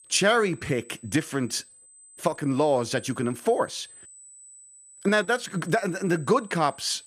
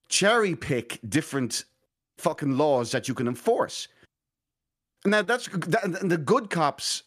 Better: second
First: high-pitched whine; faint; throughout; 8 kHz, 20 dB below the speech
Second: none

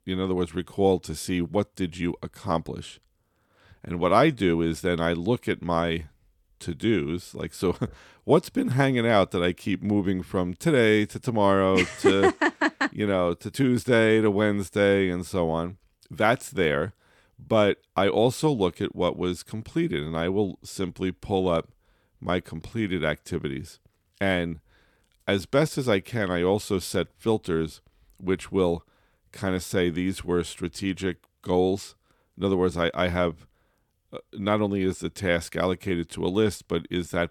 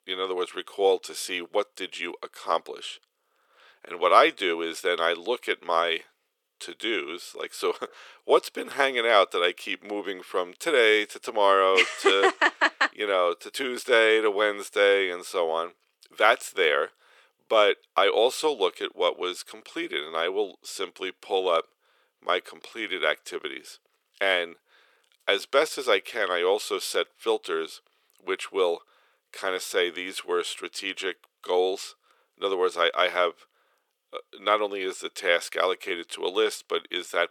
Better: first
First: none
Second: thin; very; fading below 450 Hz

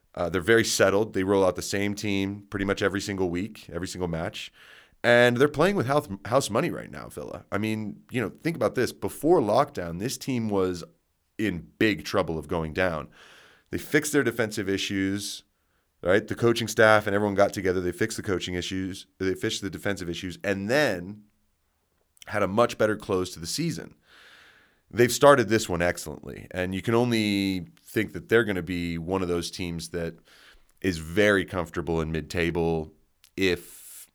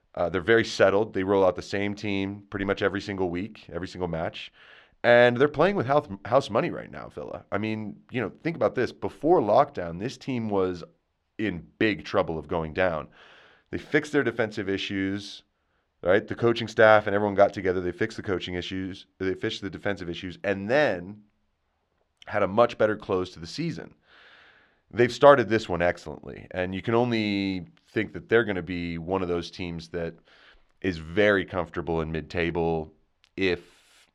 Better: first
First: none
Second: muffled; slightly; fading above 3.5 kHz

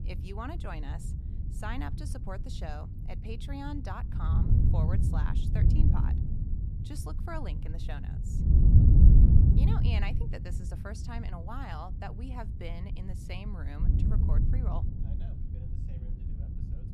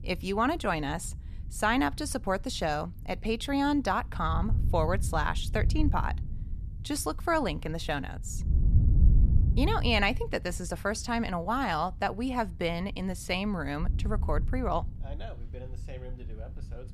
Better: second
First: wind noise on the microphone; heavy; as loud as the speech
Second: wind noise on the microphone; occasional gusts; 20 dB below the speech

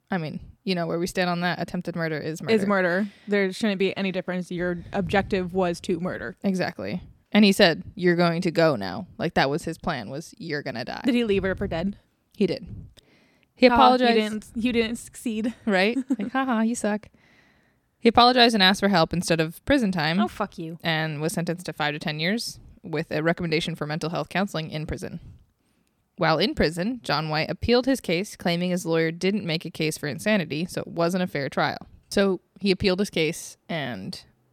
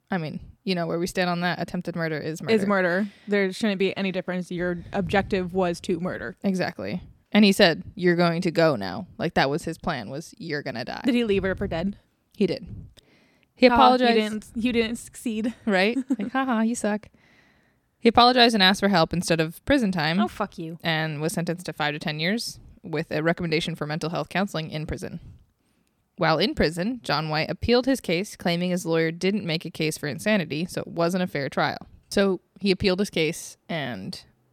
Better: neither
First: none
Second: none

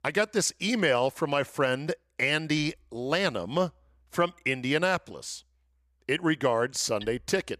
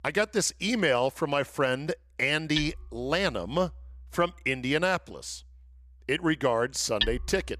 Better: first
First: machinery noise; faint; throughout; 25 dB below the speech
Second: machinery noise; loud; throughout; 7 dB below the speech

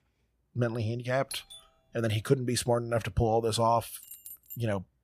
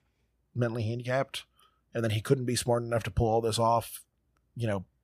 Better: second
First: doorbell; faint; at 1.5 s; peak 15 dB below the speech // jangling keys; faint; at 4 s; peak 15 dB below the speech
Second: none

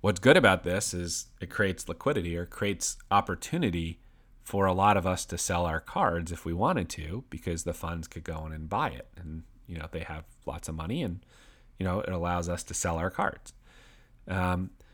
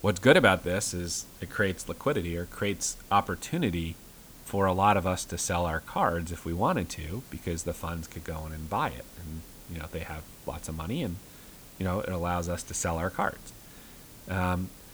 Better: first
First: none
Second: hiss; noticeable; throughout; 20 dB below the speech

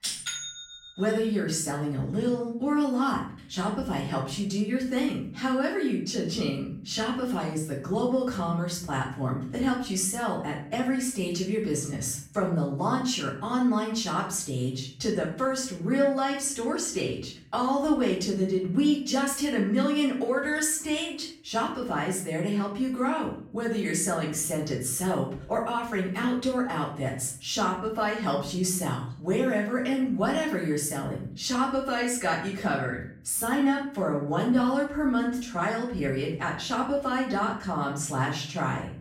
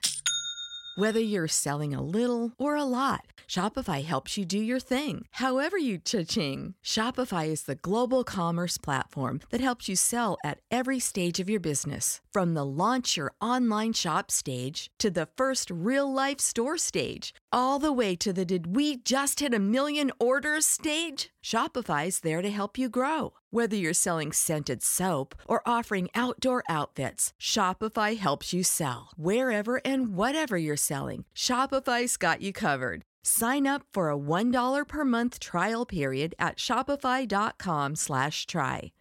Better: second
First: room echo; noticeable; dies away in 0.6 s // off-mic speech; far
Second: none

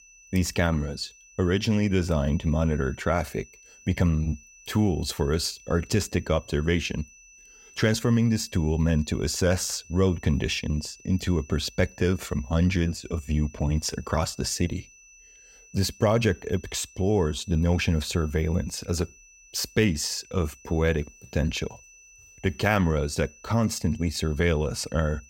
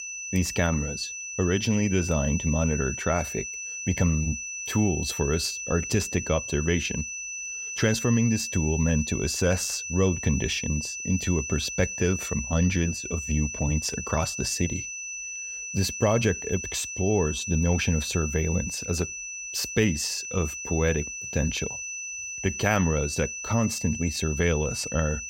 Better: first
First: high-pitched whine; faint; throughout; 6 kHz, 25 dB below the speech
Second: high-pitched whine; loud; throughout; 6 kHz, 5 dB below the speech

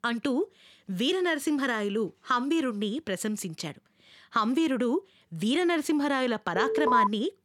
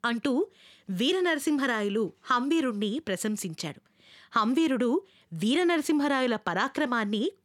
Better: second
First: alarm; loud; at 6.5 s; peak 4 dB above the speech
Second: none

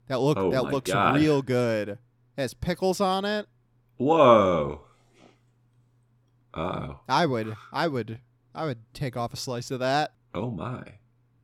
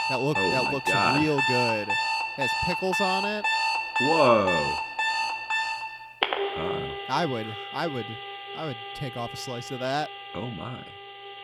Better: first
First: none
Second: alarms or sirens; very loud; throughout; 2 dB above the speech

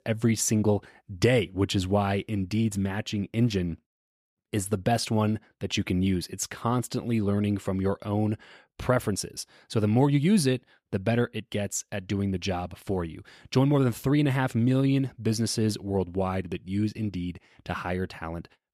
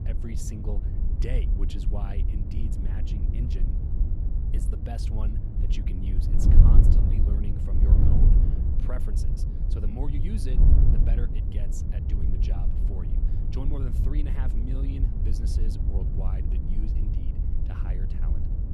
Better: first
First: none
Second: wind noise on the microphone; heavy; 2 dB above the speech

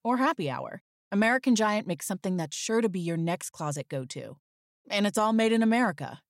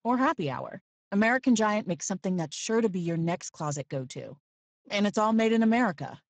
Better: first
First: none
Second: garbled, watery; badly; nothing above 7.5 kHz

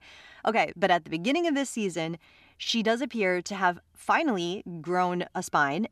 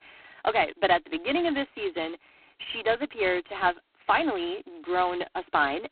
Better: first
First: none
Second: phone-call audio; poor line; nothing above 4 kHz

